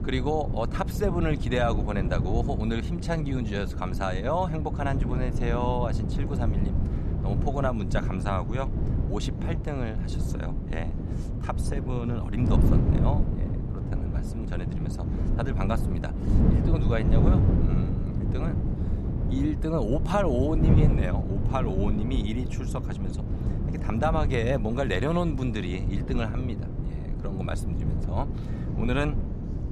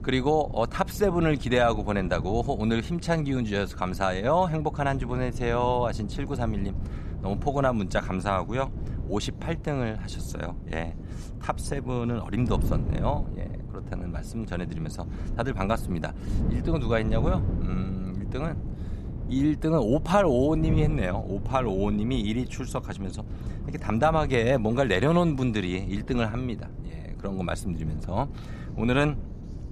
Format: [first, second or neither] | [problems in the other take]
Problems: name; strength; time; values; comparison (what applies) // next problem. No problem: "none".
second | wind noise on the microphone; heavy; 6 dB below the speech; occasional gusts in the second